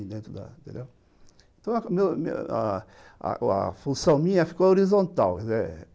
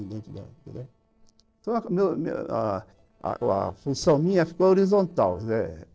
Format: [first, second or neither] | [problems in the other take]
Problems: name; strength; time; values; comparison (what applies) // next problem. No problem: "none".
first | noise reduction (neural separator model SepFormer DNS4)